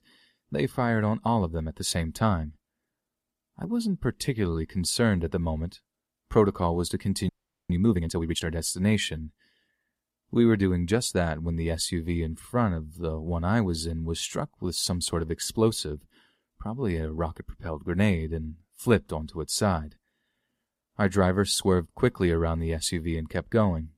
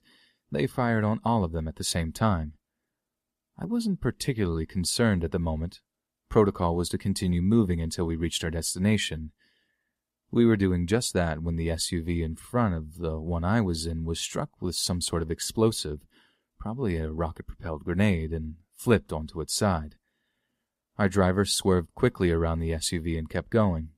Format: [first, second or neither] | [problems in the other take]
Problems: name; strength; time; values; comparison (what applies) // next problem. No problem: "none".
second | audio freezing; at 7.5 s